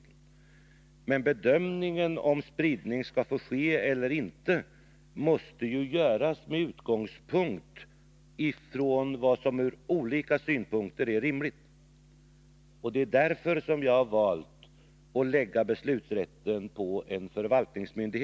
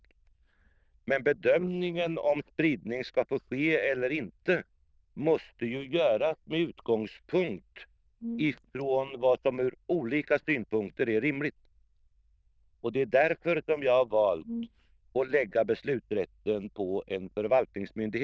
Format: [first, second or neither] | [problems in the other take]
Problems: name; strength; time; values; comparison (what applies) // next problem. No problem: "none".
first | noise reduction (neural diffusion model UNIVERSE++)